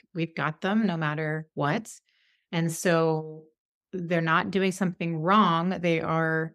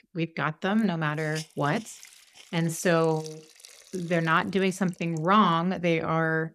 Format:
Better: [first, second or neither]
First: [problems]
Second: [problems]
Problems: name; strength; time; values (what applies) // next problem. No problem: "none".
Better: first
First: none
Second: hiss; faint; throughout; 20 dB below the speech